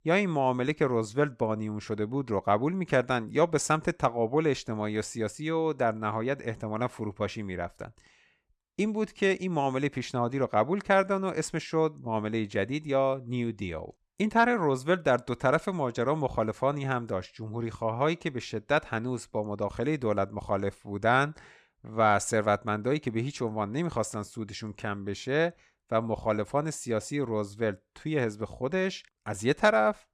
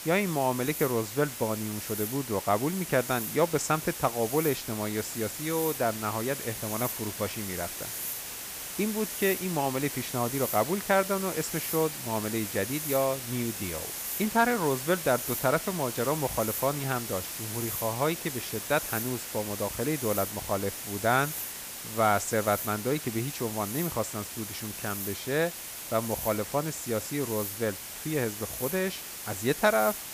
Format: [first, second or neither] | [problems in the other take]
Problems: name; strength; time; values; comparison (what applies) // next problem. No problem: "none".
first | hiss; loud; throughout; 5 dB below the speech